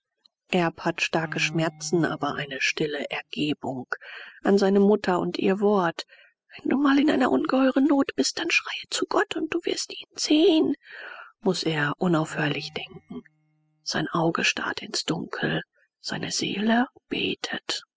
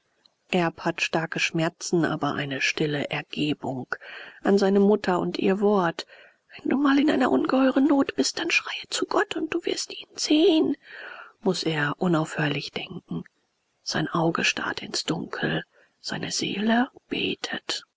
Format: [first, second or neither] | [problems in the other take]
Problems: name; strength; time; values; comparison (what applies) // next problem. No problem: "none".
second | noise reduction (classical method spectral subtraction)